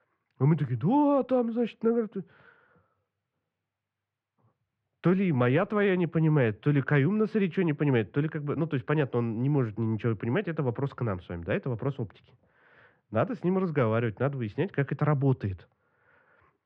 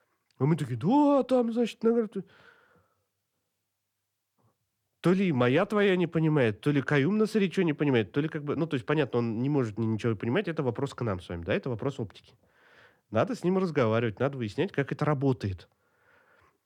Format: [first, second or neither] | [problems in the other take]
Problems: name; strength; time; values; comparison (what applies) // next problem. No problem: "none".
second | muffled; slightly; fading above 2 kHz